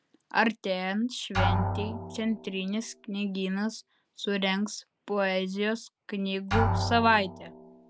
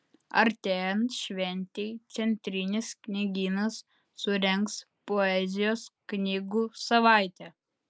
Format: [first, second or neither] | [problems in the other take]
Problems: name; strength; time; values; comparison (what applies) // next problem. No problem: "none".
second | background sound (Drum); 4 dB below the speech